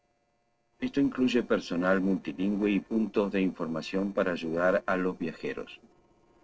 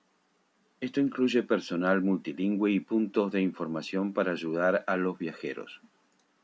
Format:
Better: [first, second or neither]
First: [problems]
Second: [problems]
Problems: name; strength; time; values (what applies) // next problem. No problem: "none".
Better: second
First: noise reduction (neural separator model SepFormer DNS4)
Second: none